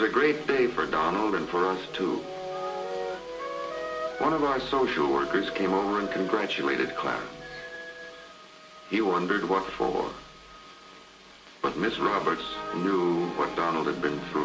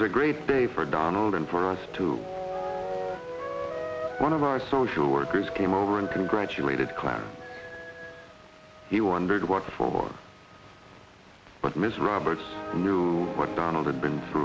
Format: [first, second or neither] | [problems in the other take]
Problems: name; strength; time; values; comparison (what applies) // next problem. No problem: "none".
second | room echo; dies away in 0.2 s